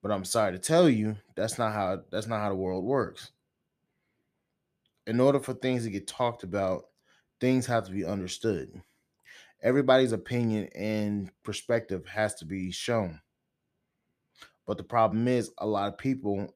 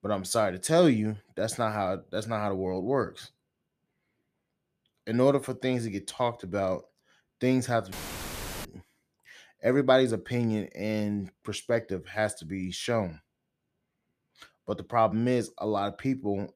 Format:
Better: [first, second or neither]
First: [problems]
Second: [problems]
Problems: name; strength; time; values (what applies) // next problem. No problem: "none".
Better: first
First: none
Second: audio cutting out; filled with static; at 8 s for 0.5 s